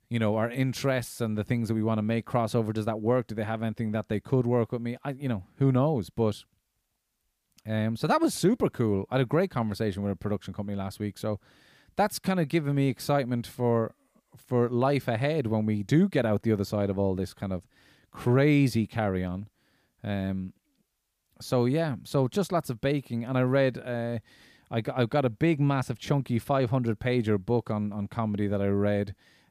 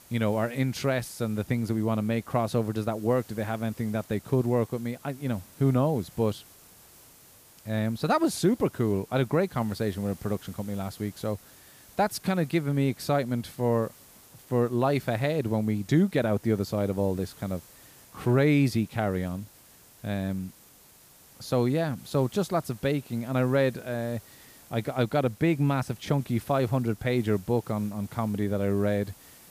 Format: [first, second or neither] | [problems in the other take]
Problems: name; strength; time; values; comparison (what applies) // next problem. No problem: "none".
first | hiss; faint; throughout; 25 dB below the speech